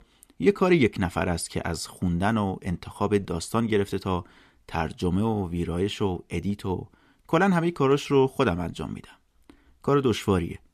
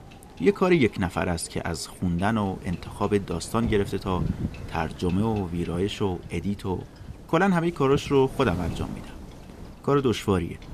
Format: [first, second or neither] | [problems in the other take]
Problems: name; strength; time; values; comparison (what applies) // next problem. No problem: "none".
first | wind noise on the microphone; occasional gusts; 20 dB below the speech